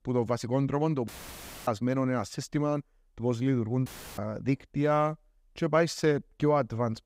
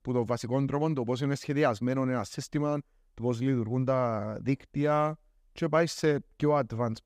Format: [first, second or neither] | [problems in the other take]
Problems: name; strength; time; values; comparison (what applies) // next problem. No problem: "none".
second | audio cutting out; filled with static; at 1 s for 0.5 s and at 4 s